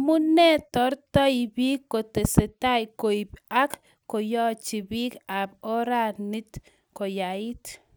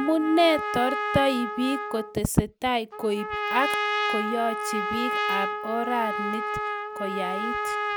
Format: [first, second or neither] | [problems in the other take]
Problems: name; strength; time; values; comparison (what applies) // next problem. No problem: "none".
first | background sound (Trumpet); 2 dB below the speech